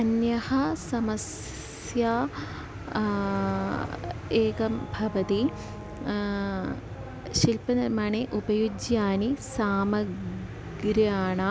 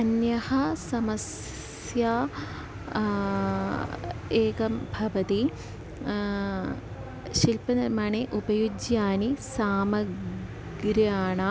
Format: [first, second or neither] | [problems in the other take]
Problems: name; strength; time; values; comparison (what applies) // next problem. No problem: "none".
second | background sound (Wind instrument, woodwind instrument); 19 dB below the speech